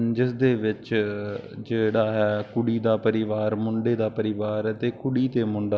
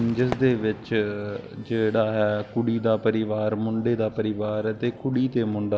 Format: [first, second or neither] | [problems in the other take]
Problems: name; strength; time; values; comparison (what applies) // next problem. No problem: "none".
first | background sound (Crowd / Fireworks); 19 dB below the speech